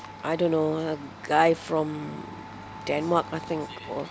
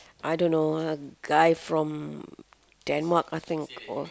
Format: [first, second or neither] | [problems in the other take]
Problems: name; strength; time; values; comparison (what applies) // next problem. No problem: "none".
second | background sound (Domestic sounds, home sounds); 14 dB below the speech